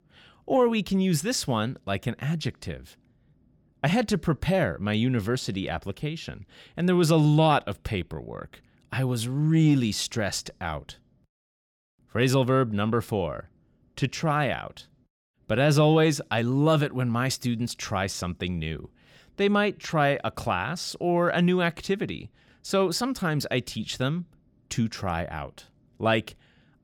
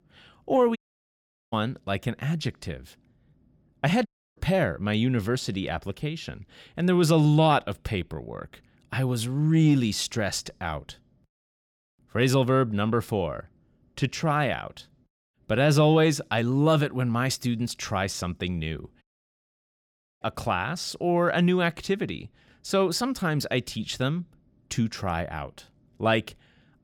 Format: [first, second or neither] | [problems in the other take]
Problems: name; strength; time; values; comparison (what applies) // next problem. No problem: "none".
first | audio cutting out; at 1 s for 1 s, at 4 s and at 19 s for 1 s